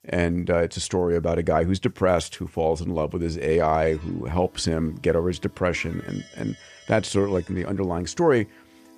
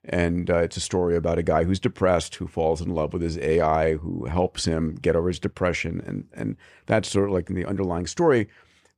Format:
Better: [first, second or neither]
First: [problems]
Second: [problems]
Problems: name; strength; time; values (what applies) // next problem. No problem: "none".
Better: second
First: background music; faint; throughout; 25 dB below the speech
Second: none